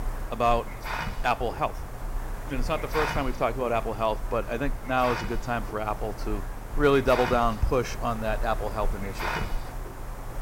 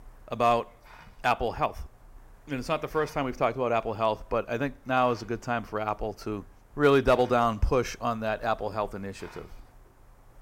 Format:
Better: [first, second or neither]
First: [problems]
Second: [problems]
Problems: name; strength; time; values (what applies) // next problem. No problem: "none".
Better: second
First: hiss; loud; throughout; 7 dB below the speech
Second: hiss; faint; throughout; 25 dB below the speech